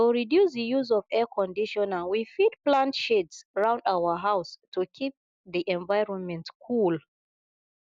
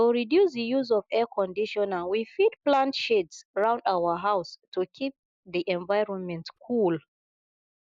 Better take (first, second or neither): first